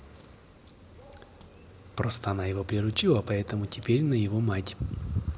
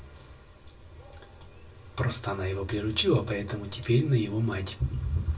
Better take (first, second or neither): first